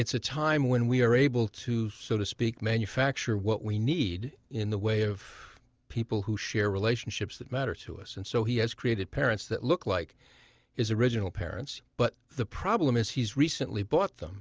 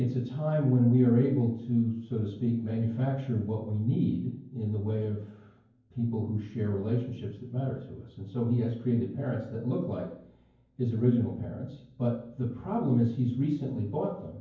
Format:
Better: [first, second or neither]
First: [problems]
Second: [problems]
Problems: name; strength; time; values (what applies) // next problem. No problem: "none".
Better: first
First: none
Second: room echo; dies away in 0.9 s